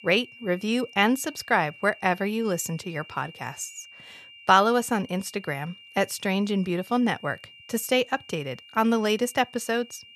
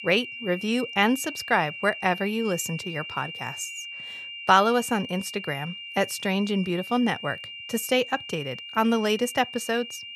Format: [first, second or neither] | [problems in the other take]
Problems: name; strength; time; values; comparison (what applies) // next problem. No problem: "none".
first | high-pitched whine; loud; throughout; 3 kHz, 10 dB below the speech; faint in the first